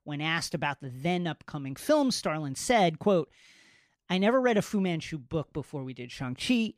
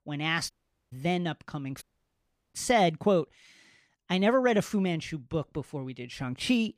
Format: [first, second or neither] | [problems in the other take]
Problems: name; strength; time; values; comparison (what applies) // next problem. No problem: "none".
first | audio cutting out; at 0.5 s and at 2 s for 0.5 s